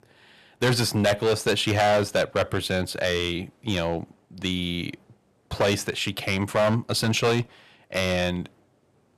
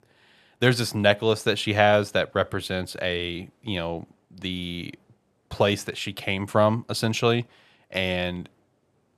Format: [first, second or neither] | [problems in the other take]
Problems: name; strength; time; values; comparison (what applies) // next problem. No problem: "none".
second | distortion; heavy; 6% of the sound clipped